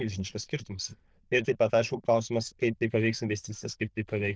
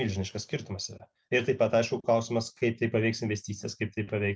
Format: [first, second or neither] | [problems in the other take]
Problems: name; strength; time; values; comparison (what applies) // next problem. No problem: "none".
second | noise reduction (neural diffusion model UNIVERSE++)